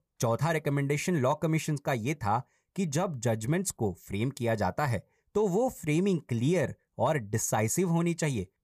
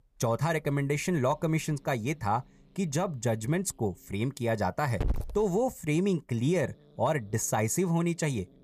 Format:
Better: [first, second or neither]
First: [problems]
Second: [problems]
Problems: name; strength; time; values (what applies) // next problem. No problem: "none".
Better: first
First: none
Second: hiss; loud; throughout; 9 dB below the speech